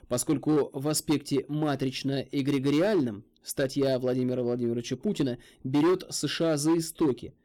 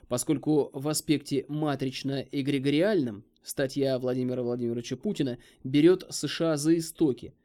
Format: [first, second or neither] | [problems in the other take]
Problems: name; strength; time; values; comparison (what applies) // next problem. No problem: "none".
second | distortion; slight; 6% of the sound clipped